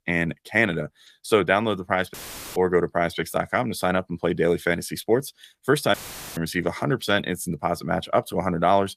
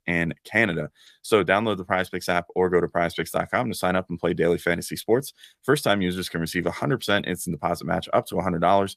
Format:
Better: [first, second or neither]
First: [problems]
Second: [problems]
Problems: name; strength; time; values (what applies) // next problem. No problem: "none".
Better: second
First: audio cutting out; filled with static; at 2 s and at 6 s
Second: none